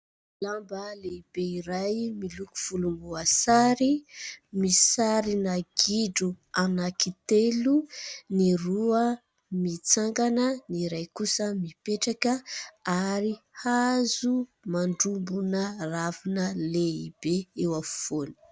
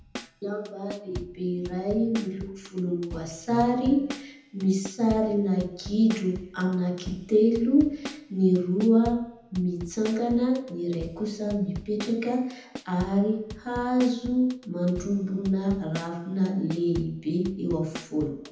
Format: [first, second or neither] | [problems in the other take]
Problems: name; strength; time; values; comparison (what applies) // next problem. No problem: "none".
first | background sound (Drum kit); 16 dB below the speech // room echo; dies away in 1 s